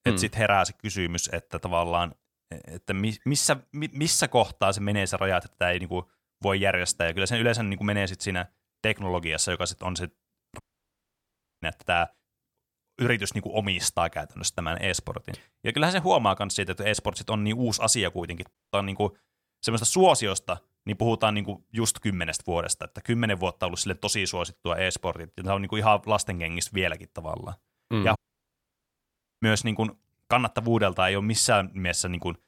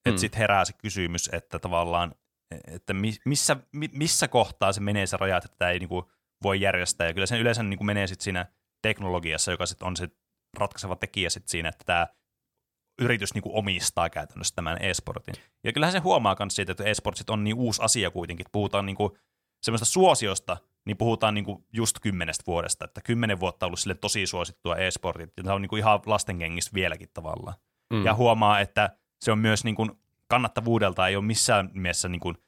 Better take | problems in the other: second | audio cutting out; at 11 s for 1 s, at 19 s and at 28 s for 1.5 s

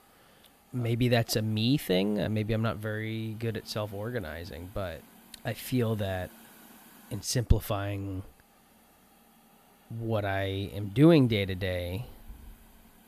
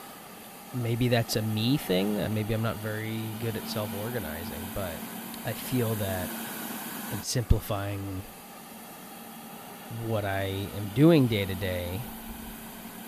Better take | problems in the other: first | hiss; loud; throughout; 10 dB below the speech; faint in the first

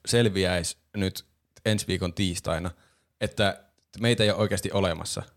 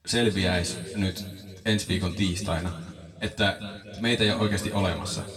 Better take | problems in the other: first | room echo; slight; dies away in 1.7 s // off-mic speech; far

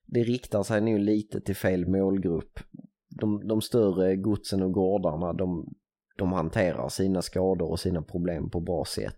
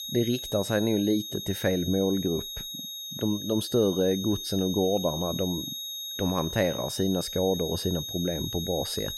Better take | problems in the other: first | high-pitched whine; loud; throughout; 3.5 kHz, 6 dB below the speech

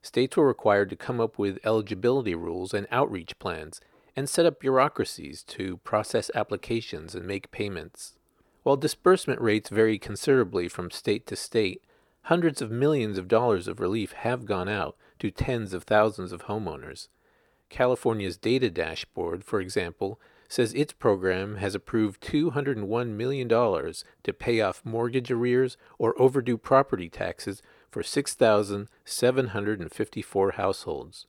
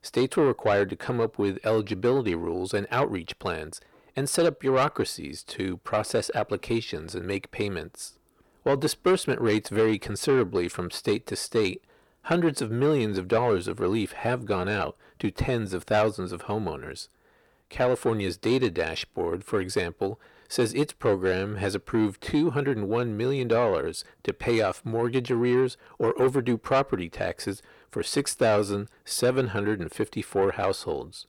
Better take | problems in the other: first | distortion; slight; 10 dB below the speech

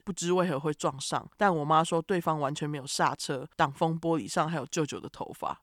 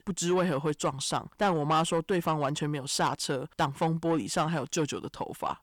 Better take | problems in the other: first | distortion; slight; 10 dB below the speech

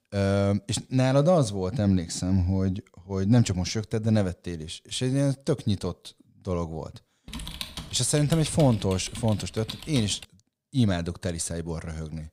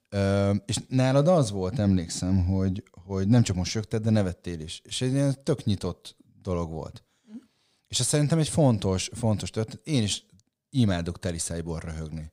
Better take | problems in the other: second | keyboard typing; noticeable; from 7.5 to 10 s; peak 9 dB below the speech

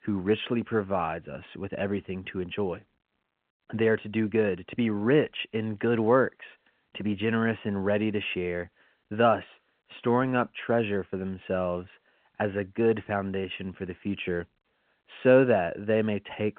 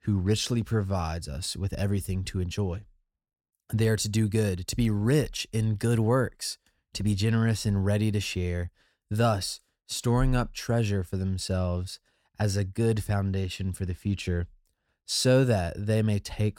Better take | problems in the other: second | phone-call audio

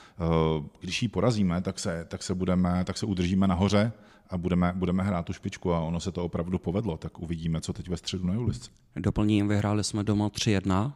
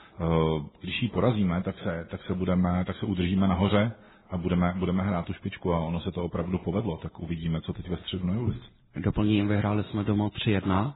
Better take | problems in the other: first | garbled, watery; badly; nothing above 4 kHz

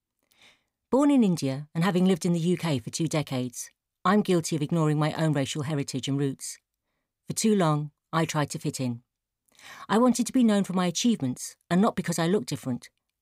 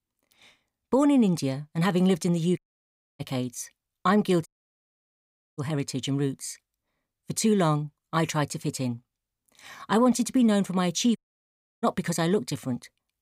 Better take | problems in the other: first | audio cutting out; at 2.5 s for 0.5 s, at 4.5 s for 1 s and at 11 s for 0.5 s

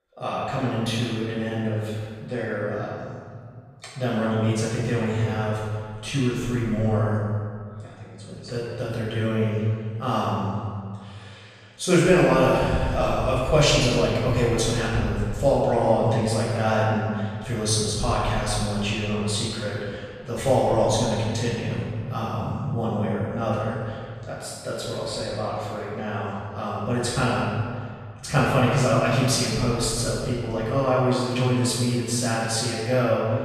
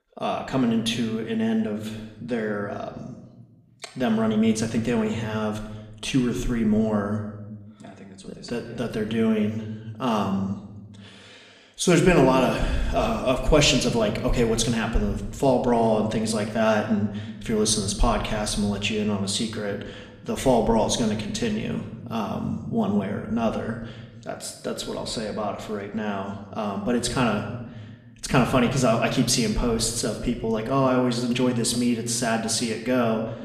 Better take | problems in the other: second | room echo; strong; dies away in 1.8 s; slight in the second // off-mic speech; far; somewhat distant in the second

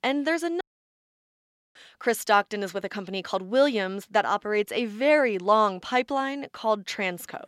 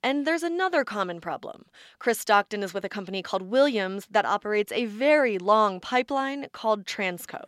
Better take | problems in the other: second | audio cutting out; at 0.5 s for 1 s

